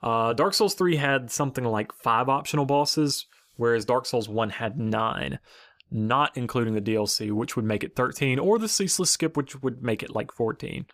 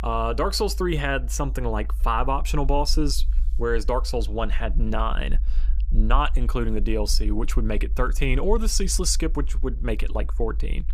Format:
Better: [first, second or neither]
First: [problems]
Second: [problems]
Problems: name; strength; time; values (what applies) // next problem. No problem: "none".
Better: first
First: none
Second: low rumble; faint; throughout; 25 dB below the speech